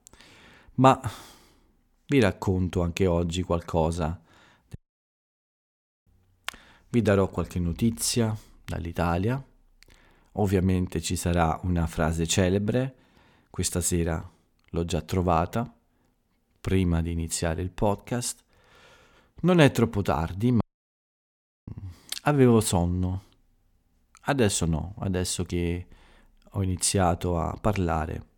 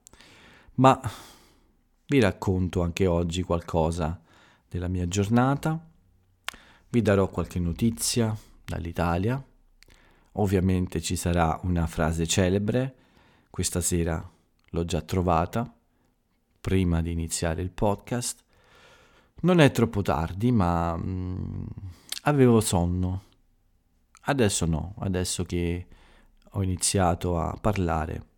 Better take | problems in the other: second | audio cutting out; at 5 s for 1.5 s and at 21 s for 1 s

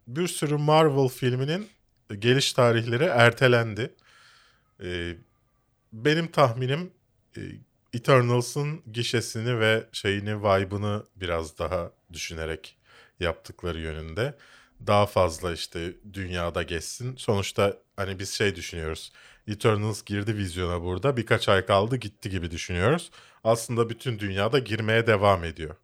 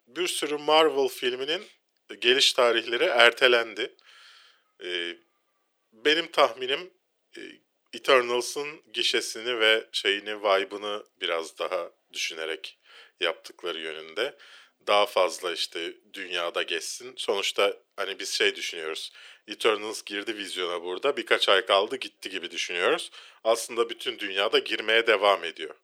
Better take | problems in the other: first | thin; very; fading below 350 Hz

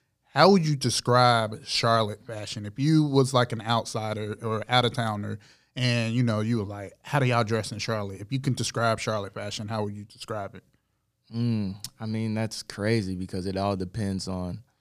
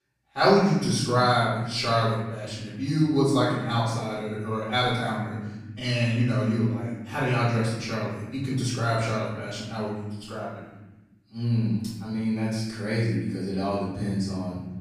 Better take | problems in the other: first | off-mic speech; far // room echo; noticeable; dies away in 1.2 s

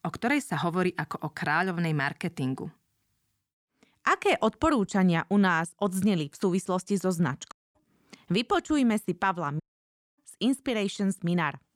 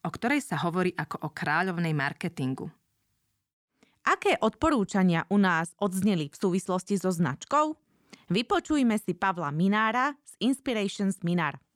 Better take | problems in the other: second | audio cutting out; at 7.5 s and at 9.5 s for 0.5 s

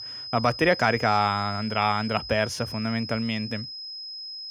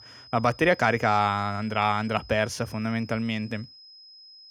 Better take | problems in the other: second | high-pitched whine; loud; throughout; 5 kHz, 10 dB below the speech; faint in the second

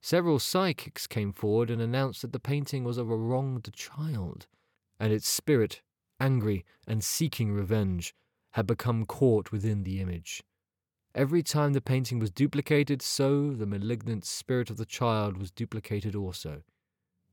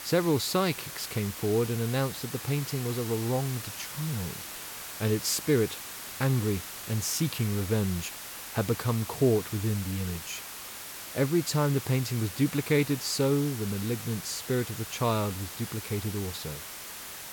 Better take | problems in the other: first | hiss; loud; throughout; 9 dB below the speech

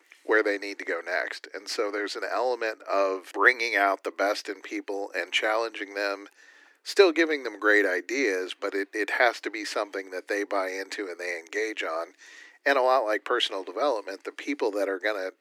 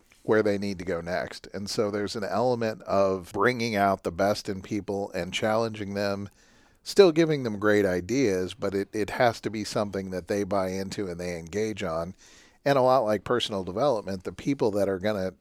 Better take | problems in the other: second | thin; somewhat; fading below 300 Hz

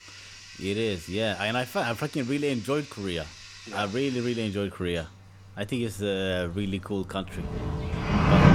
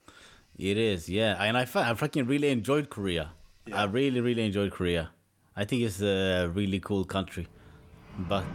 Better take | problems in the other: second | household noises; loud; throughout; 3 dB below the speech; faint in the second

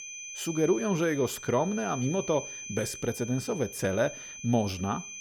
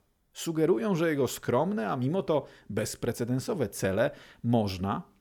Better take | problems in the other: second | high-pitched whine; loud; throughout; 6 kHz, 10 dB below the speech

